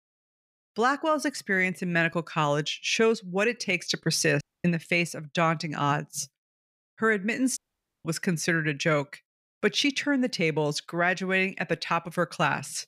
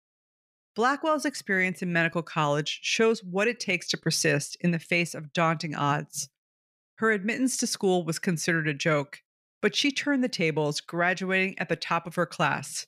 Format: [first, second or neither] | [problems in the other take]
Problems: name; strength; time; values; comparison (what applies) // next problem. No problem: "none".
second | audio cutting out; at 4.5 s and at 7.5 s